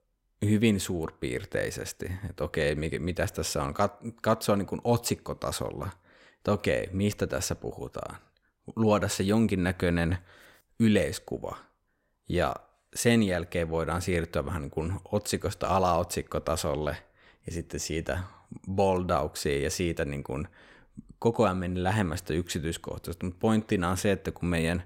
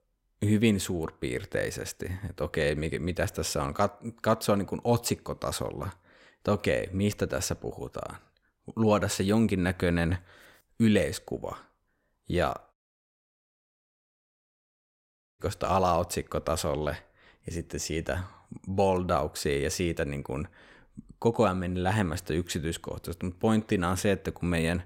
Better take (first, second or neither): first